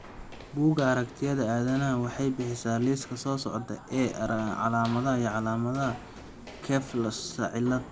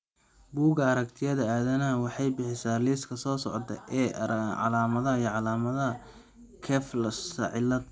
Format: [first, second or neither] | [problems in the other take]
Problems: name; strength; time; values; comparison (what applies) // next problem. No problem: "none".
second | background sound (Walk, footsteps + Walk, footsteps); 17 dB below the speech